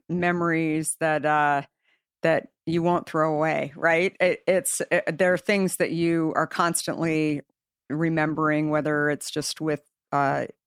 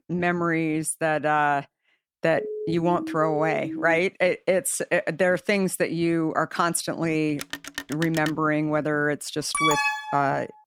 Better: first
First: none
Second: siren; noticeable; from 2.5 to 4 s; peak 8 dB below the speech // phone ringing; noticeable; at 7.5 s; peak 9 dB below the speech // alarm; loud; at 9.5 s; peak 3 dB above the speech

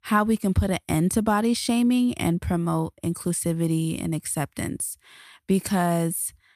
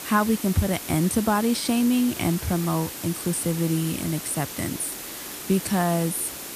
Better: first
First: none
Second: hiss; loud; throughout; 9 dB below the speech

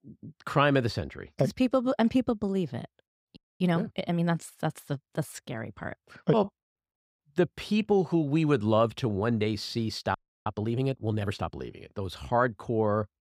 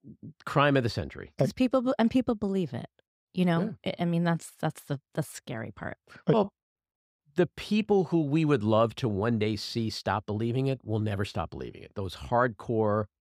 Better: second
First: audio freezing; at 3.5 s and at 10 s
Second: none

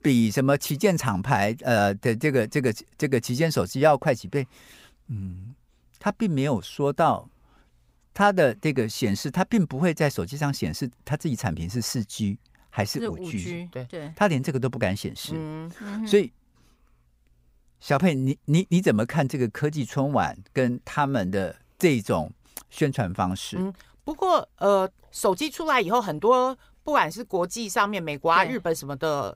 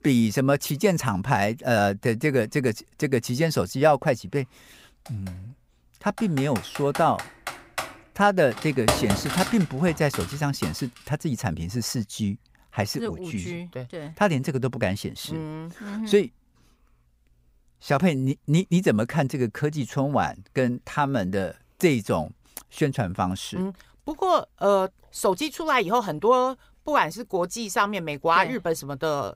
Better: first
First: none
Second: keyboard typing; loud; from 6 to 11 s; peak 1 dB above the speech

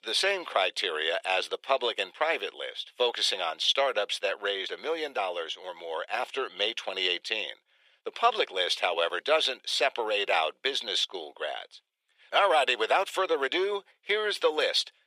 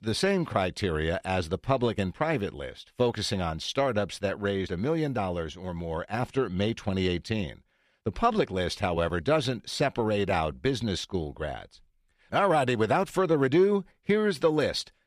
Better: second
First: thin; very; fading below 450 Hz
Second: none

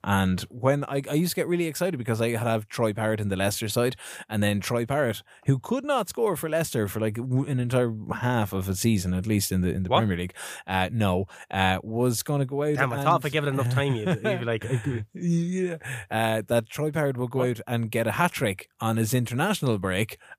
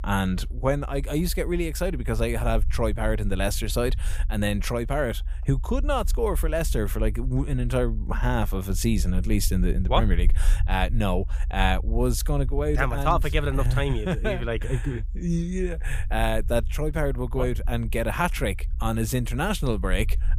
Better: first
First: none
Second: low rumble; faint; throughout; 25 dB below the speech

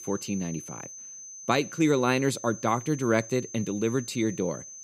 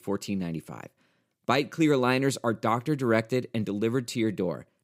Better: second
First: high-pitched whine; noticeable; throughout; 6 kHz, 15 dB below the speech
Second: none

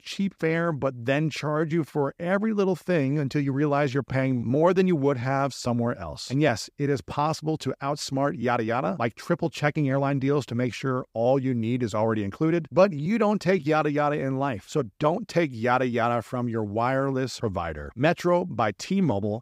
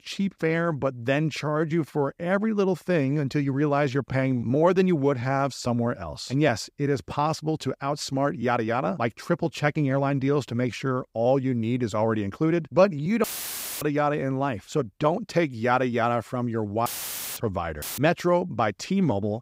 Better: first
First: none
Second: audio cutting out; filled with static; at 13 s for 0.5 s, at 17 s for 0.5 s and at 18 s

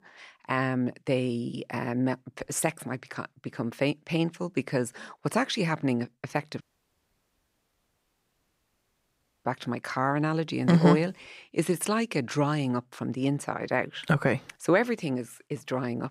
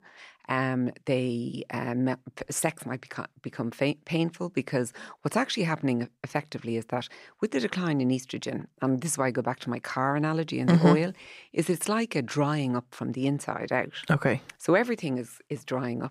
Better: second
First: audio cutting out; at 6.5 s for 3 s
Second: none

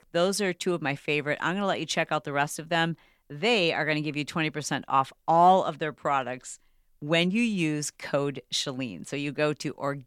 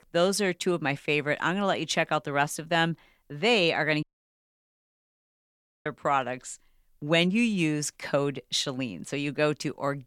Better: first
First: none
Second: audio cutting out; at 4 s for 2 s

